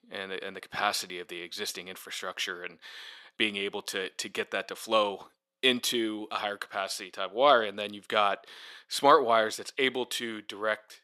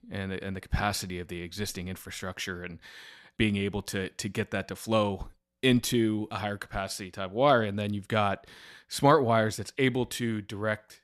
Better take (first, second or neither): second